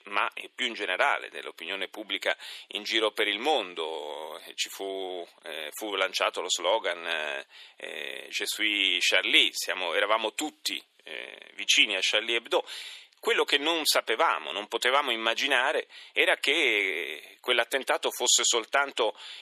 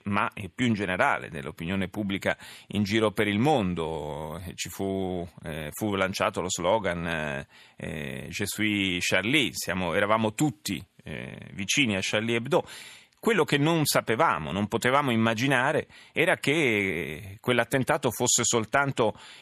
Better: second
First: thin; very; fading below 350 Hz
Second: none

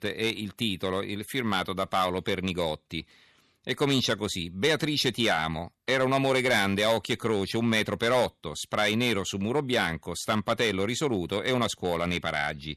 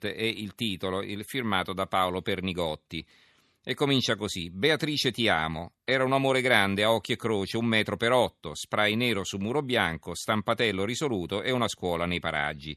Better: second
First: distortion; slight; 3% of the sound clipped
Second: none

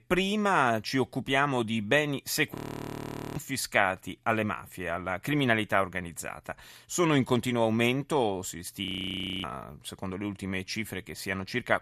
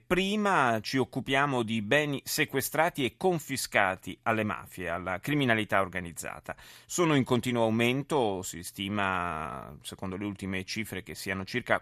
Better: second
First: audio freezing; at 2.5 s for 1 s and at 9 s for 0.5 s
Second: none

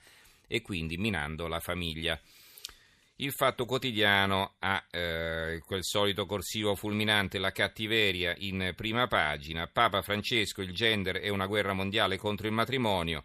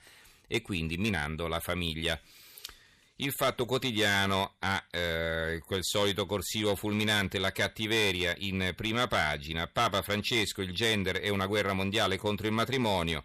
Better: first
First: none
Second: distortion; slight; 4% of the sound clipped

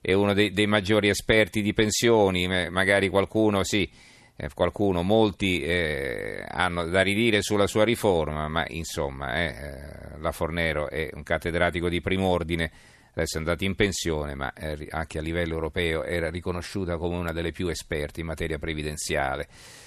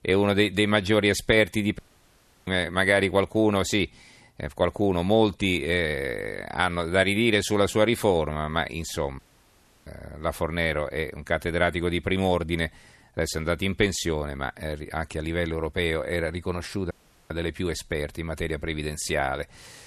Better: first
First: none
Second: audio cutting out; at 2 s for 0.5 s, at 9 s for 0.5 s and at 17 s

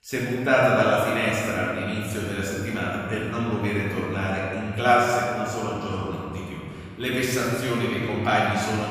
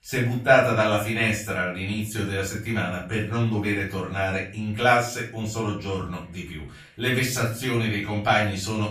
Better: second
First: room echo; strong; dies away in 2.4 s // off-mic speech; far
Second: room echo; slight; dies away in 0.4 s // off-mic speech; far

